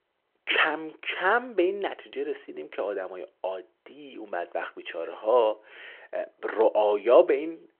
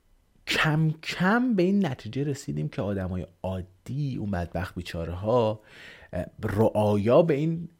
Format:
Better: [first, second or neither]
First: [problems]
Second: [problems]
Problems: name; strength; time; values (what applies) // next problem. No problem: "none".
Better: second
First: phone-call audio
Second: none